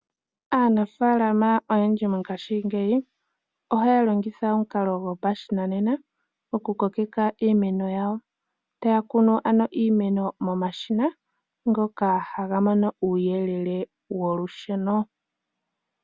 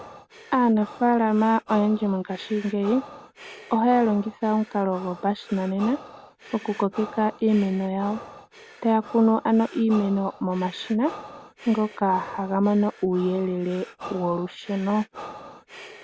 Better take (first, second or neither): first